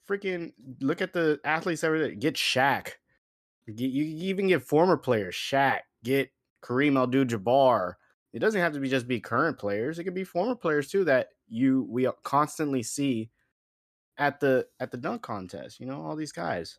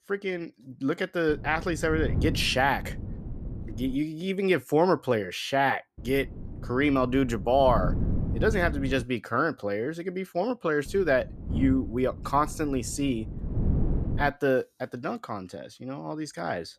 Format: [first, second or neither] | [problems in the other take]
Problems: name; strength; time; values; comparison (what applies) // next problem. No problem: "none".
first | wind noise on the microphone; occasional gusts; from 1.5 to 4 s, from 6 to 9 s and from 11 to 14 s; 15 dB below the speech